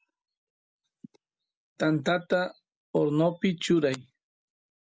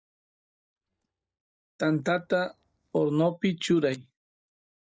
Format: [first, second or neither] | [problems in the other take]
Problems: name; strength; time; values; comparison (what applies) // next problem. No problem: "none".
first | noise reduction (neural mask model DeepFilterNet 3)